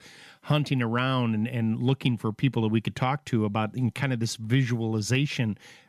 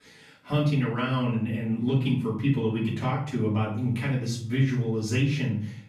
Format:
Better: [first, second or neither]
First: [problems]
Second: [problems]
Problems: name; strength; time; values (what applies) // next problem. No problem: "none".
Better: first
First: none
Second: off-mic speech; far // room echo; noticeable; dies away in 0.5 s